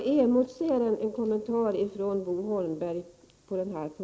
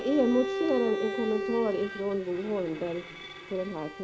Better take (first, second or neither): first